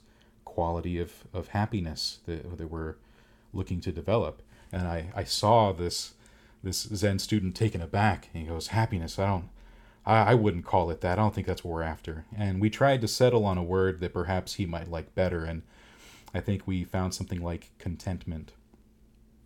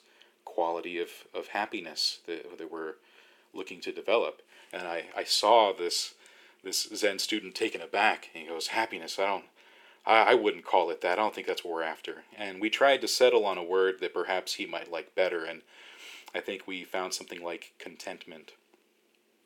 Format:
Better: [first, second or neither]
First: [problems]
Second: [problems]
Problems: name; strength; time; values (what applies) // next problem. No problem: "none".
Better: first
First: none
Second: thin; very; fading below 350 Hz